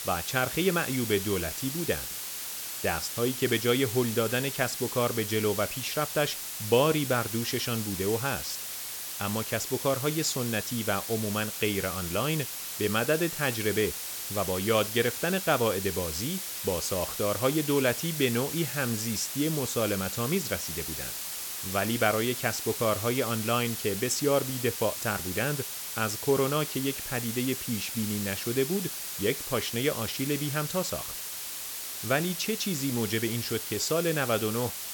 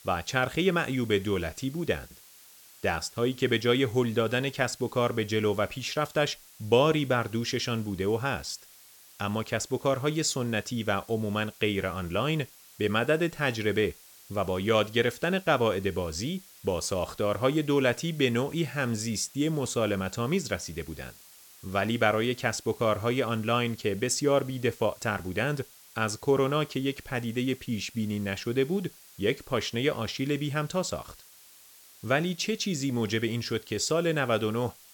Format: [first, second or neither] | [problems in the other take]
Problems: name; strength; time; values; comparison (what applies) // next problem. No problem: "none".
second | hiss; loud; throughout; 4 dB below the speech; faint in the second